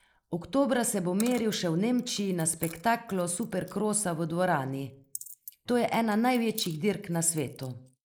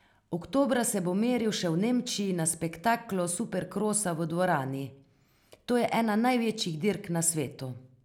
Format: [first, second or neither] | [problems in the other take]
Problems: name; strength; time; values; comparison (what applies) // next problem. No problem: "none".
second | noise reduction (neural mask model Resemble Enhance denoiser)